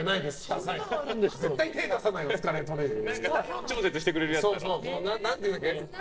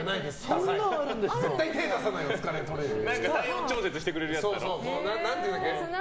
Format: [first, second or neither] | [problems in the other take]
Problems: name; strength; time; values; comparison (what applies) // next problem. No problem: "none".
second | noise reduction (neural separator model SepFormer DNS4)